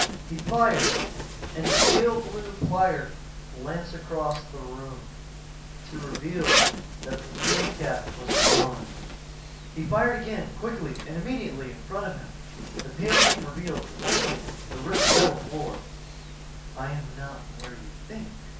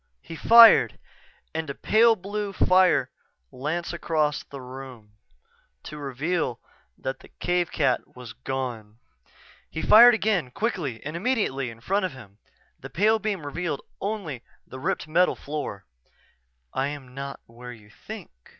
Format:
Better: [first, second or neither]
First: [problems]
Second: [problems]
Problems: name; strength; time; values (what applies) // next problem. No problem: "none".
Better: second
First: background sound (Zipper (clothing)); 3 dB above the speech // room echo; dies away in 0.6 s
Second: none